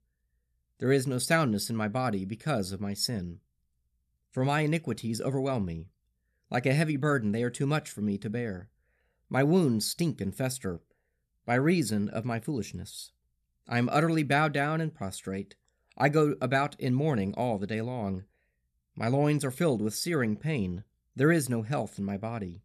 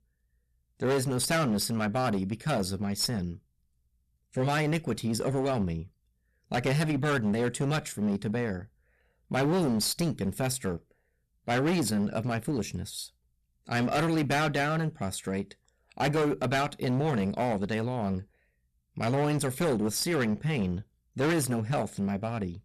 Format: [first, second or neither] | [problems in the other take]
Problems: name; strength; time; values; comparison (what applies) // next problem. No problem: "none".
first | distortion; heavy; 14% of the sound clipped